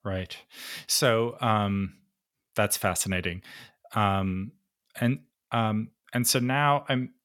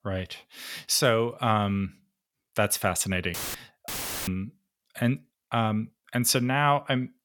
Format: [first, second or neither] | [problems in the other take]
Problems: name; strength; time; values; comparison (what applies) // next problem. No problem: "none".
first | audio cutting out; filled with static; at 3.5 s and at 4 s